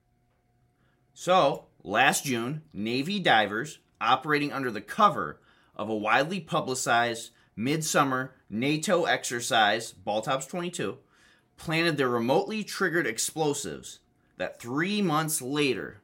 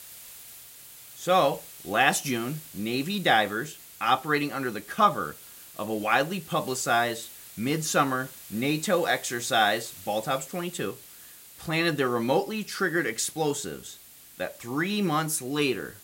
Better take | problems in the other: first | hiss; noticeable; throughout; 15 dB below the speech

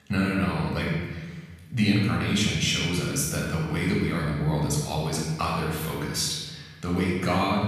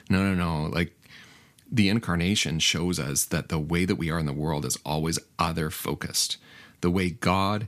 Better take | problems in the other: second | room echo; noticeable; dies away in 1.3 s // off-mic speech; far

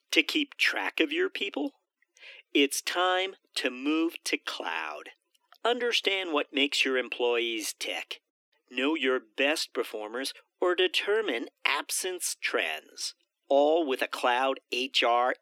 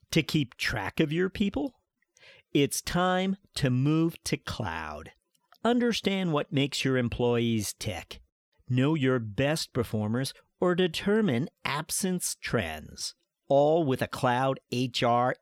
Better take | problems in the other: second | thin; somewhat; fading below 300 Hz

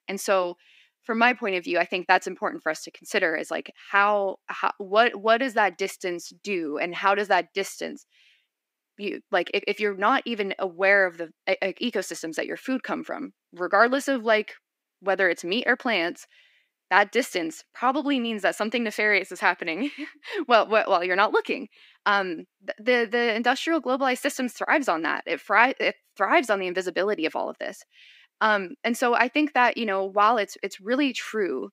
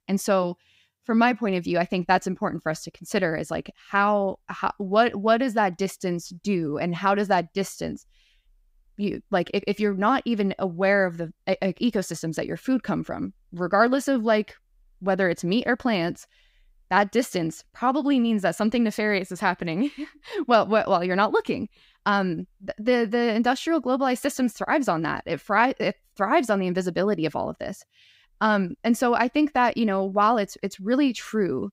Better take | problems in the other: second | thin; very slightly; fading below 250 Hz

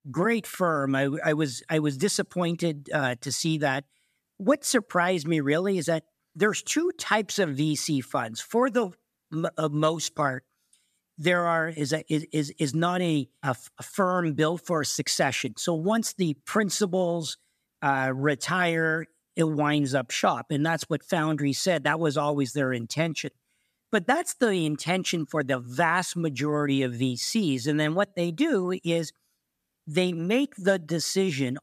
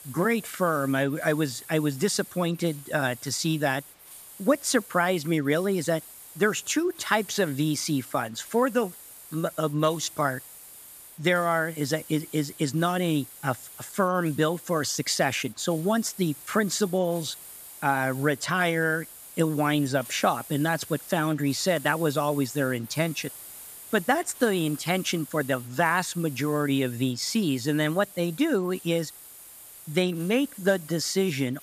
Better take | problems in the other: first | hiss; noticeable; throughout; 15 dB below the speech

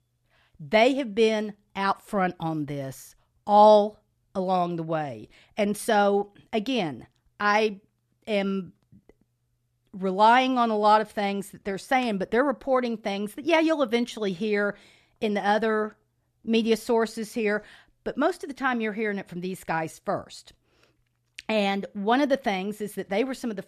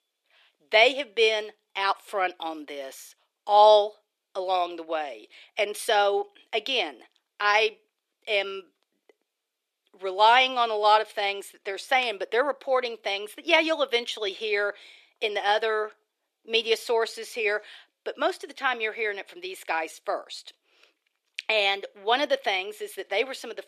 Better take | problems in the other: first | thin; very; fading below 350 Hz

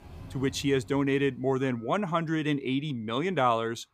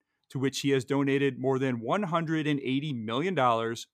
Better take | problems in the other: second | animal sounds; faint; throughout; 20 dB below the speech

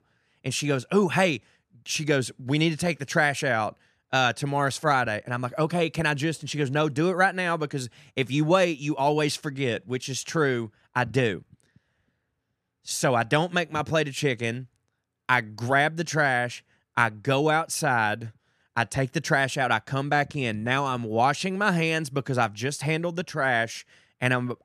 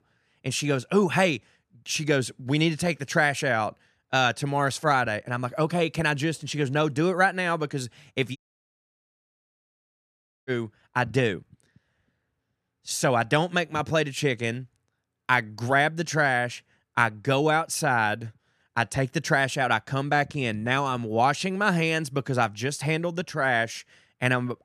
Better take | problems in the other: first | audio cutting out; at 8.5 s for 2 s

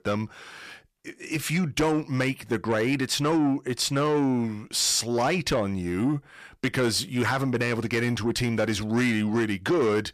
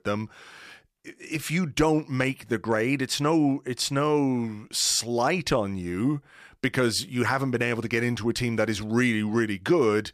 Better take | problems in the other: second | distortion; slight; 10 dB below the speech

